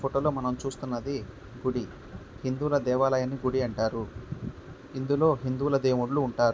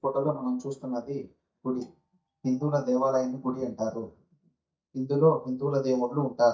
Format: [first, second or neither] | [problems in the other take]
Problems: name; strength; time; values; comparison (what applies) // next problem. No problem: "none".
first | noise reduction (neural mask model DeepFilterNet 3)